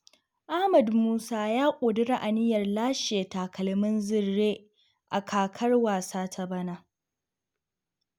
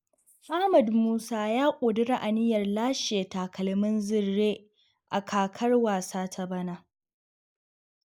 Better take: first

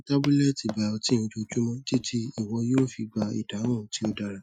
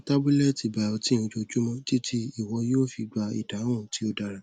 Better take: second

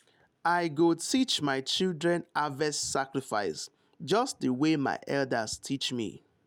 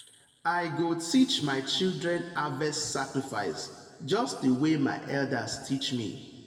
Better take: first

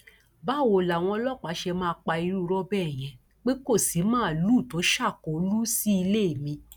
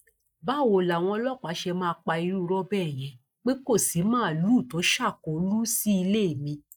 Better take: first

